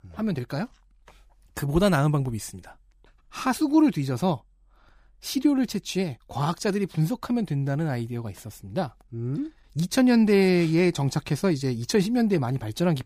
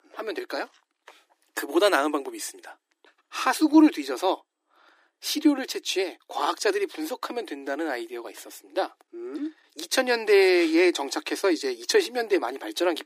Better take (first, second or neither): first